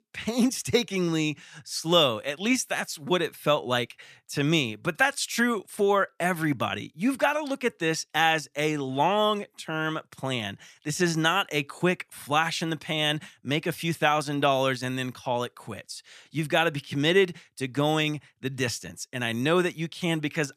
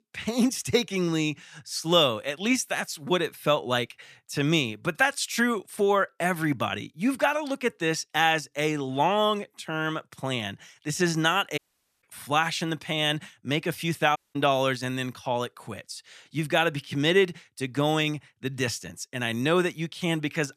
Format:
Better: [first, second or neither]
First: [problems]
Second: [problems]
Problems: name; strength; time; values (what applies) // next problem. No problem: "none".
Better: first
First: none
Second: audio cutting out; at 12 s and at 14 s